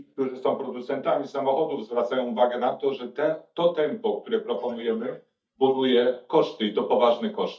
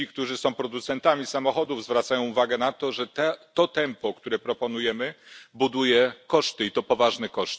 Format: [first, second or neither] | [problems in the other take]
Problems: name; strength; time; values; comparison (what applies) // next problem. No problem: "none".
second | noise reduction (neural mask model DeepFilterNet 3)